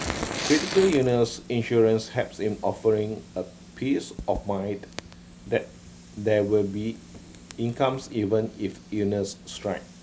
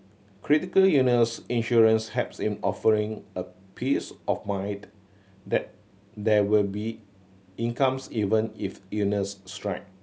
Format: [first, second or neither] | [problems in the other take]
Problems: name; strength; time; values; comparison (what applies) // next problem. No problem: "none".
second | background sound (Fire); 12 dB below the speech